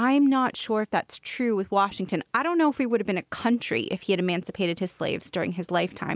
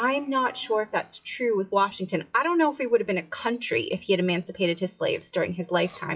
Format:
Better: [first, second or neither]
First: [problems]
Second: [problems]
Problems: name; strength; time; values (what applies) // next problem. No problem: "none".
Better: first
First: none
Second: noise reduction (classical method WPE with log-MMSE)